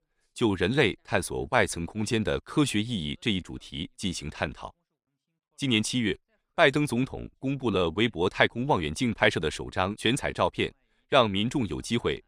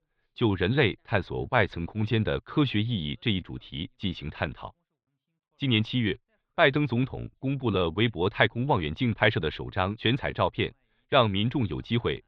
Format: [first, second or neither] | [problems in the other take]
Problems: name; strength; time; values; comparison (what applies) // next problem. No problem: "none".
first | muffled; slightly; fading above 3.5 kHz